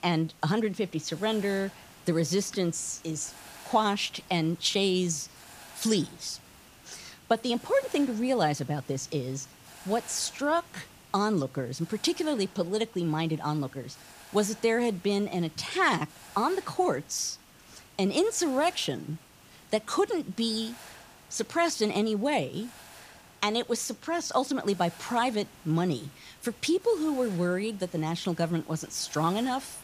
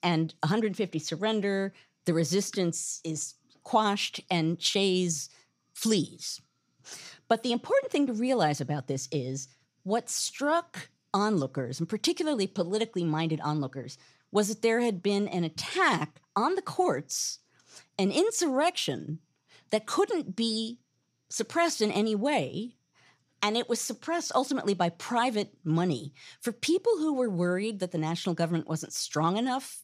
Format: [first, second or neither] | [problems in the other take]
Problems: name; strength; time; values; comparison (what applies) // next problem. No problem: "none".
second | hiss; faint; throughout; 20 dB below the speech